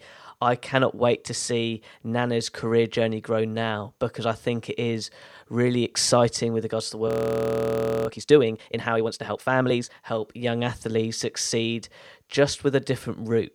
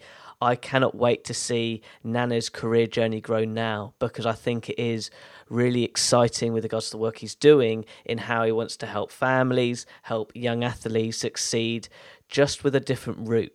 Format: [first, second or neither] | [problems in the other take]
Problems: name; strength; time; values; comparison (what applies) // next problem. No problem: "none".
second | audio freezing; at 7 s for 1 s